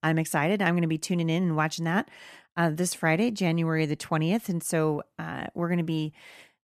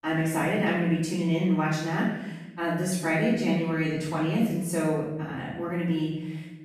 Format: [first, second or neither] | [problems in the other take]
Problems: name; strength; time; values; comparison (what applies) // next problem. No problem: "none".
first | off-mic speech; far // room echo; noticeable; dies away in 0.9 s